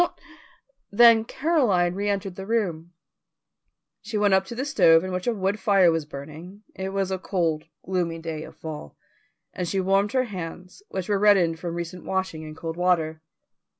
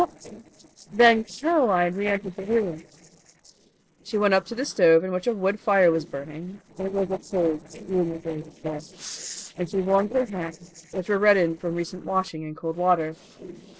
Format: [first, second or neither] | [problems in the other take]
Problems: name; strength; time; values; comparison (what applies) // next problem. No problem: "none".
first | noise reduction (neural separator model SepFormer DNS4)